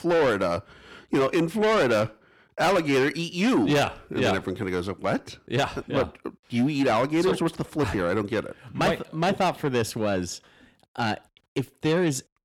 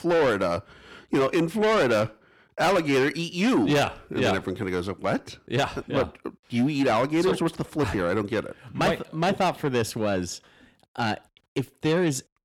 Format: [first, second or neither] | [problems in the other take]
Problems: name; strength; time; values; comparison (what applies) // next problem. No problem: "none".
neither | distortion; heavy; 7 dB below the speech; the same in both